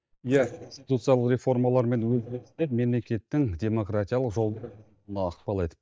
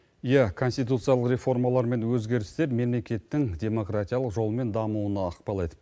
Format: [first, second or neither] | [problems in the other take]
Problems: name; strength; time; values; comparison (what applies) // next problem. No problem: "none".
second | noise reduction (neural mask model DeepFilterNet 3)